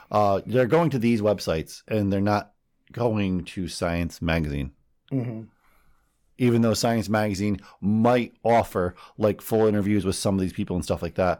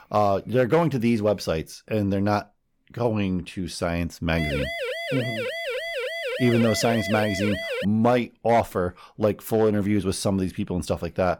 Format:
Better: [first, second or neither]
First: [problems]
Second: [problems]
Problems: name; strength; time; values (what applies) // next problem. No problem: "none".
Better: first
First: none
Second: siren; noticeable; from 4.5 to 8 s; peak 4 dB below the speech